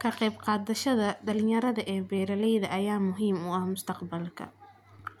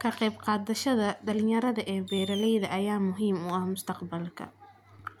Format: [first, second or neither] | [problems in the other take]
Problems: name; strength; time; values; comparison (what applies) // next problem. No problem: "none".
first | background sound (Fireworks); 17 dB below the speech